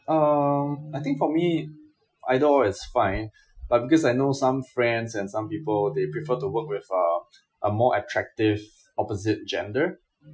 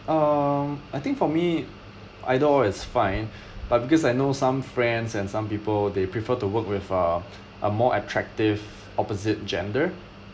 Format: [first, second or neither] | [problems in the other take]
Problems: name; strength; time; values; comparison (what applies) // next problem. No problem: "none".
second | noise reduction (classical method Wiener filter)